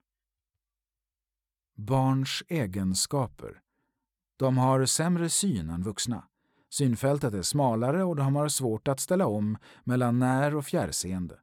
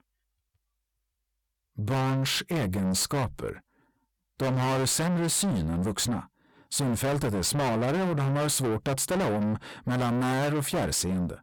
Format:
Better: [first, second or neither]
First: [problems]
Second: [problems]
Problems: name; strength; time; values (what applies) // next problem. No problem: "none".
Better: first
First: none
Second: distortion; heavy; 5 dB below the speech